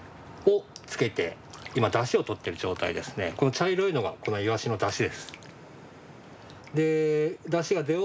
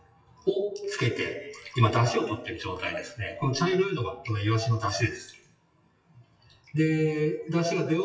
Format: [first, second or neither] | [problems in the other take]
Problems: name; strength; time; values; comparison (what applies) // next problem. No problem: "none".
first | noise reduction (classical method WPE with log-MMSE)